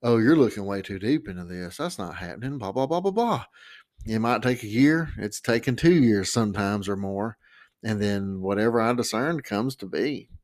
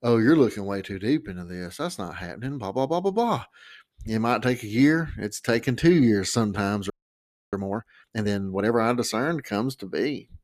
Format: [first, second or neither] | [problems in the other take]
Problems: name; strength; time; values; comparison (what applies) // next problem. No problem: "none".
first | audio freezing; at 7 s for 0.5 s